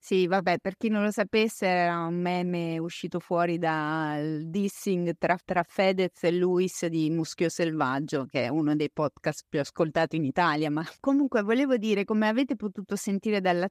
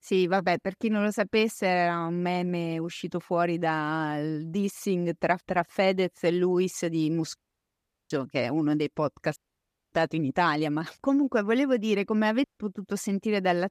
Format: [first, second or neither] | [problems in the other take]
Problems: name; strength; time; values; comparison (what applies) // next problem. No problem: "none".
first | audio cutting out; at 7.5 s for 0.5 s, at 9.5 s for 0.5 s and at 12 s